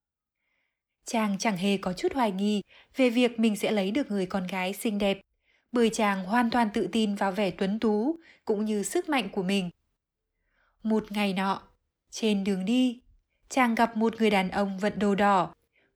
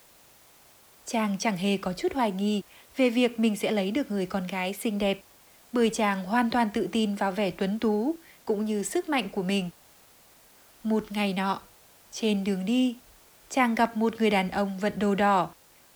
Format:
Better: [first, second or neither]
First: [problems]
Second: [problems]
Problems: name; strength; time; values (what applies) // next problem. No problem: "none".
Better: first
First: none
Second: hiss; faint; throughout; 25 dB below the speech